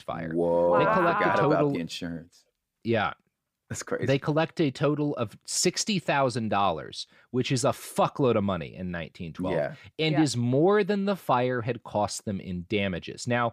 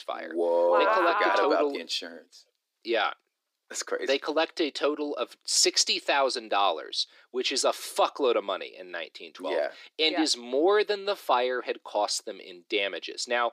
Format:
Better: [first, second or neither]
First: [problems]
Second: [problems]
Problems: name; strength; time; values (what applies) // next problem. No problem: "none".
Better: first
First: none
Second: thin; somewhat; fading below 300 Hz